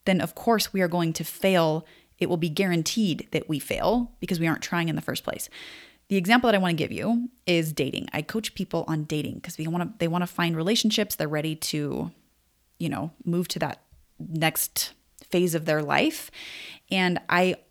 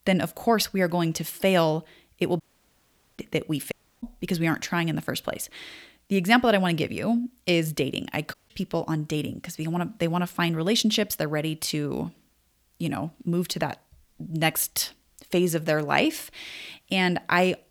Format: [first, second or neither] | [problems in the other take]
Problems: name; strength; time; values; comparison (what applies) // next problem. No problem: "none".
first | audio cutting out; at 2.5 s for 1 s, at 3.5 s and at 8.5 s